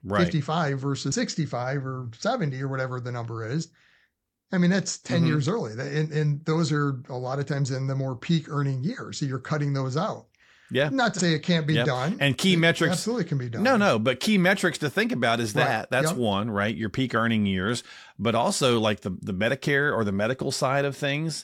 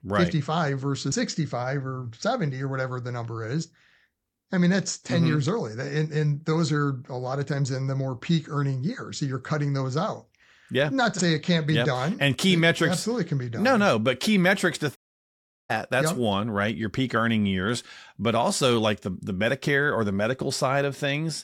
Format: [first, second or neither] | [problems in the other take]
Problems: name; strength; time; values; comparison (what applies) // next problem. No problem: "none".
first | audio cutting out; at 15 s for 0.5 s